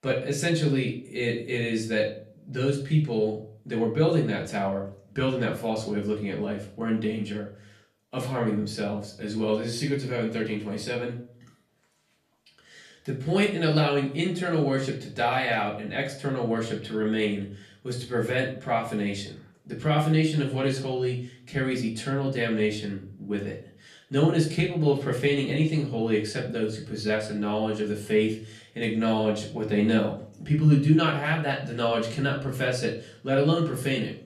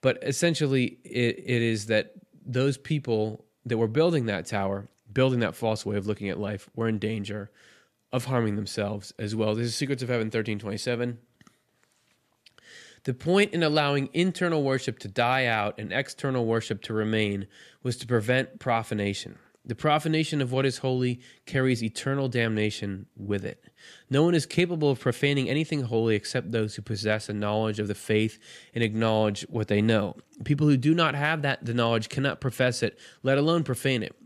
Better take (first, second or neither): second